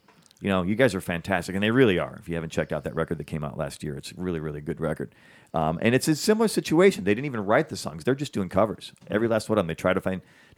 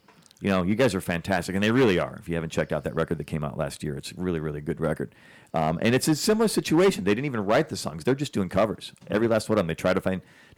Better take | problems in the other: first | distortion; slight; 3% of the sound clipped

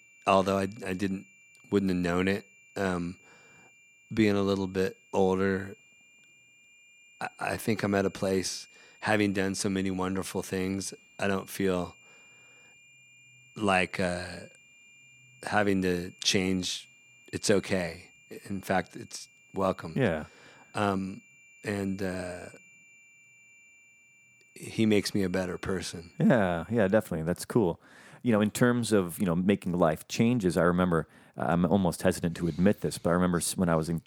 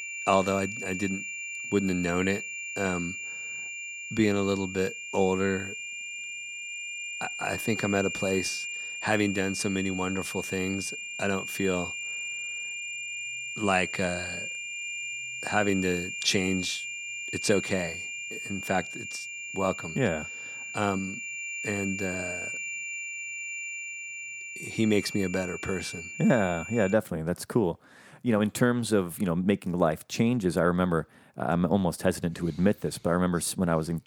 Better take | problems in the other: first | high-pitched whine; loud; until 27 s; 2.5 kHz, 6 dB below the speech; faint in the first

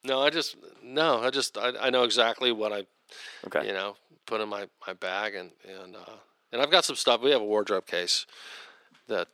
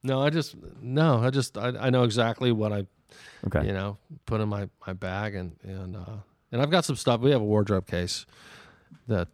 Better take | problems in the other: second | thin; very; fading below 350 Hz

